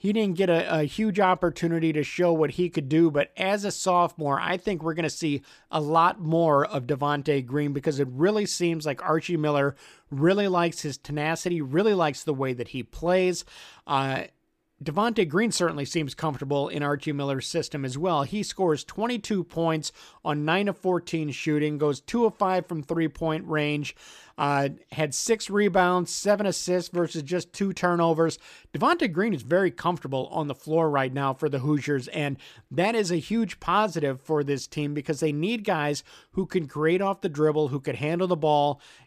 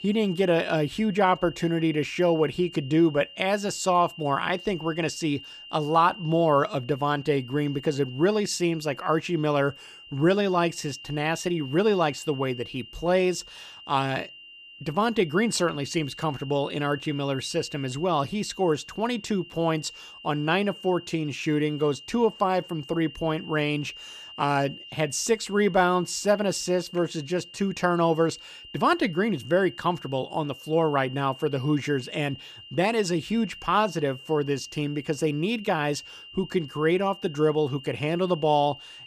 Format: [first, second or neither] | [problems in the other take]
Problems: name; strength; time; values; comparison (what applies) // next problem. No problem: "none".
first | high-pitched whine; noticeable; throughout; 3 kHz, 15 dB below the speech